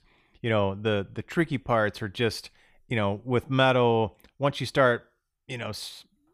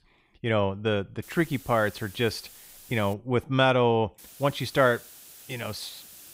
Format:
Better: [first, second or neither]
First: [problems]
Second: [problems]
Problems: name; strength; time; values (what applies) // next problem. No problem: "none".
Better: first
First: none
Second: hiss; noticeable; from 1 to 3 s and from 4 s on; 20 dB below the speech